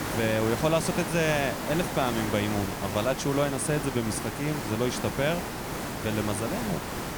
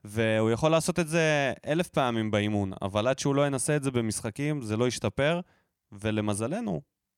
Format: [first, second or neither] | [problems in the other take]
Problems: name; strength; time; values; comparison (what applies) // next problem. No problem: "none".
second | hiss; loud; throughout; 4 dB below the speech